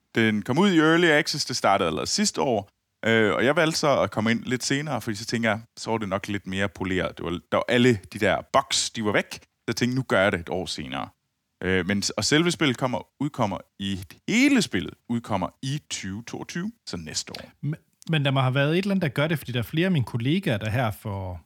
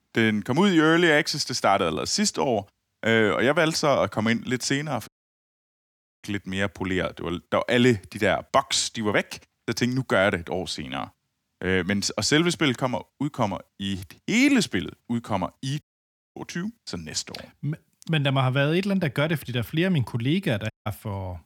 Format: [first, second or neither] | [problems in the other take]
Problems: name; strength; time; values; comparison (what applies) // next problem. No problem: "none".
first | audio cutting out; at 5 s for 1 s, at 16 s for 0.5 s and at 21 s